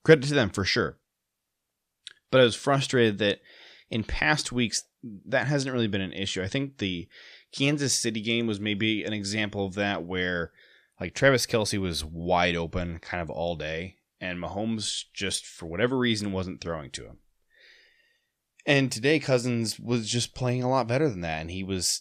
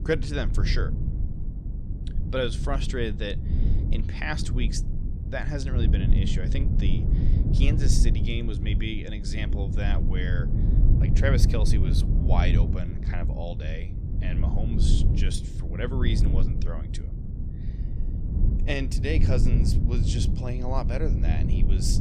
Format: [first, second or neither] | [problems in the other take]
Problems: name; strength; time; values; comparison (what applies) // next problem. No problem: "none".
first | low rumble; loud; throughout; 6 dB below the speech